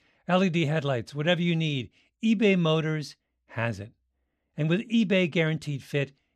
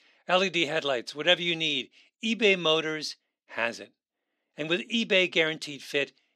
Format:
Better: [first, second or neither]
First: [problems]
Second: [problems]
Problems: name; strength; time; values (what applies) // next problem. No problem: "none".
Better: first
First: none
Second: thin; somewhat; fading below 300 Hz